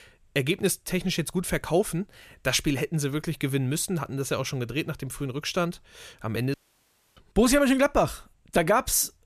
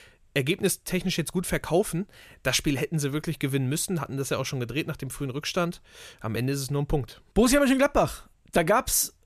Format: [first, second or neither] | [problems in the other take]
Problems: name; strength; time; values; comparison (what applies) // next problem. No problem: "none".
second | audio cutting out; at 6.5 s for 0.5 s